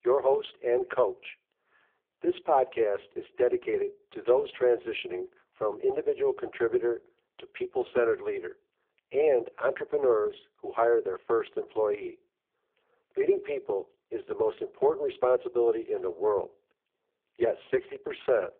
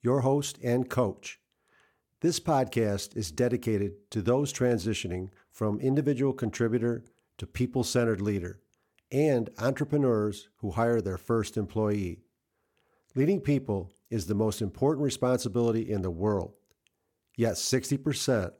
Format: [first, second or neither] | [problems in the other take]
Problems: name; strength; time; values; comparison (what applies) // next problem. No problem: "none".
second | phone-call audio; poor line; nothing above 3.5 kHz